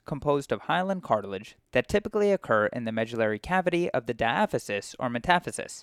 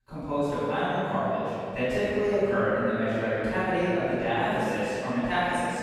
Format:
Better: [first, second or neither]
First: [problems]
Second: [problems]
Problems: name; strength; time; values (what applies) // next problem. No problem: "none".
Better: first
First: none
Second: off-mic speech; far // room echo; strong; dies away in 2.7 s